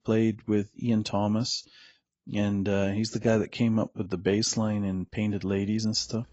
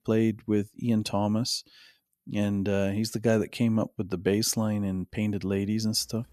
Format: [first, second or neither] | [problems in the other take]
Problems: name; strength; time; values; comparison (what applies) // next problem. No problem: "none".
second | garbled, watery; badly; nothing above 7.5 kHz